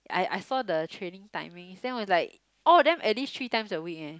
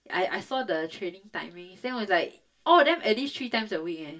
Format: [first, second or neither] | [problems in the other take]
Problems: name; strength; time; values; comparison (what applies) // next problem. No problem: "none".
first | room echo; dies away in 0.1 s